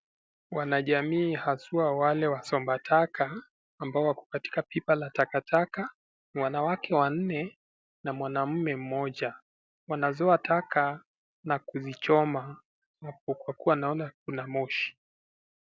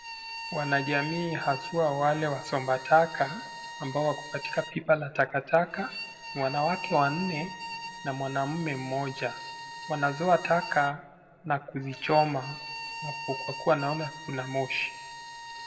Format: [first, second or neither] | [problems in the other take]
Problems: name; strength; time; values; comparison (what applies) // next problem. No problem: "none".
first | background sound (Bowed string instrument); 11 dB below the speech // room echo; dies away in 1.3 s